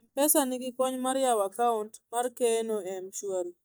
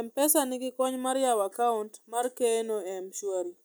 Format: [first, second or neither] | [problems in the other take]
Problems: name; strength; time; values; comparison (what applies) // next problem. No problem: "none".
second | noise reduction (neural mask model DeepFilterNet 3)